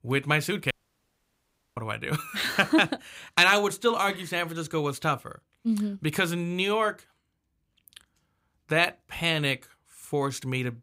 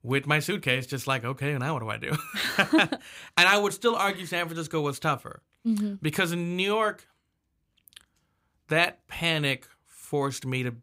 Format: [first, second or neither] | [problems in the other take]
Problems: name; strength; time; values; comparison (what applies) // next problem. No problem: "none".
second | audio cutting out; at 0.5 s for 1 s